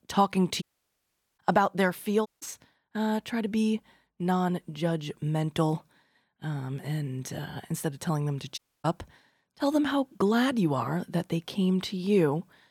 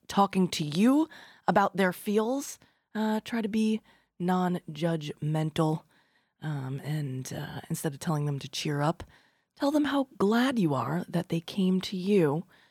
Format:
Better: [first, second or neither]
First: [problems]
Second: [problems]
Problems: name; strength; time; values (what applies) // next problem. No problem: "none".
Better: second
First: audio cutting out; at 0.5 s for 1 s, at 2.5 s and at 8.5 s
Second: none